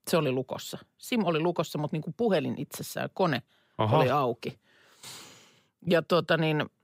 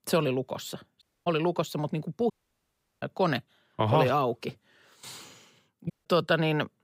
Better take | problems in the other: first | audio cutting out; at 1 s, at 2.5 s for 0.5 s and at 6 s

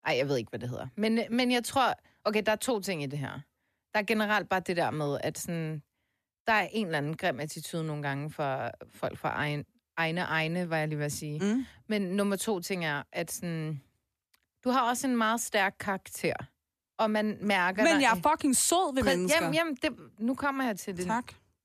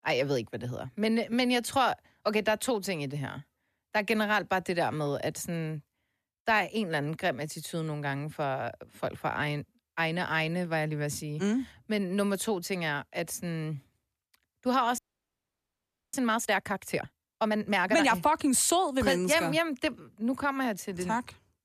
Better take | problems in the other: first | audio freezing; at 15 s for 1 s

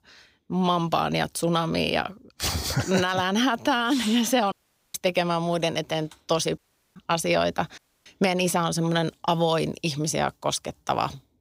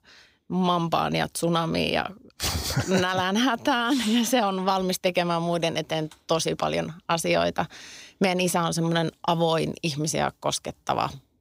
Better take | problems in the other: second | audio cutting out; at 4.5 s, at 6.5 s and at 8 s

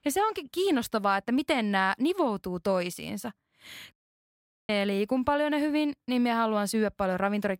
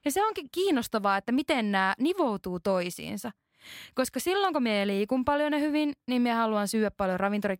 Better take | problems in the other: second | audio cutting out; at 4 s for 1 s

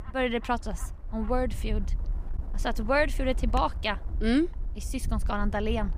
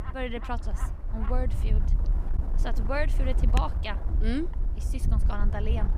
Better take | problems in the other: first | wind noise on the microphone; heavy; 9 dB below the speech; occasional gusts in the first

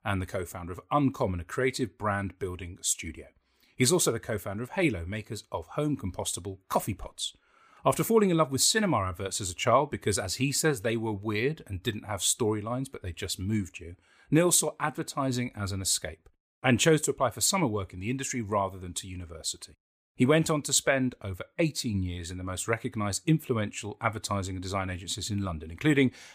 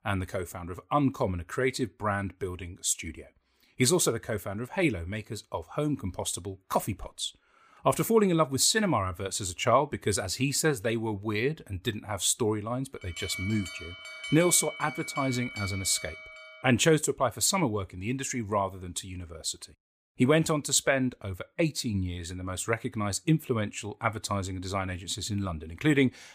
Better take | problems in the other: first | alarm; noticeable; from 13 to 17 s; peak 6 dB below the speech

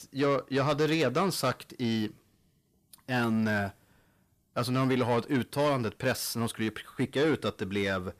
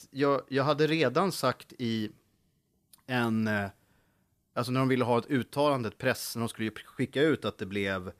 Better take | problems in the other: second | distortion; slight; 10 dB below the speech

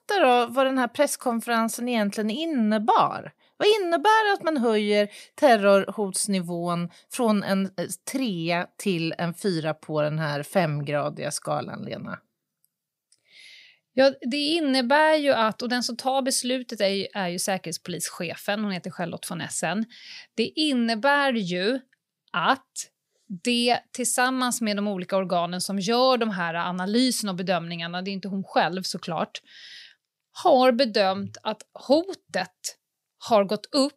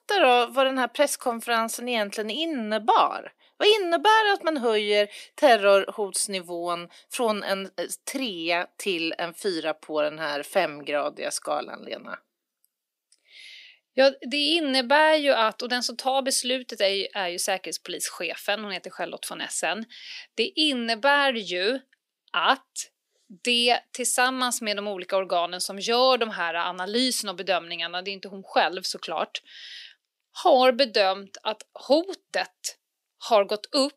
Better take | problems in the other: first | thin; very slightly; fading below 300 Hz

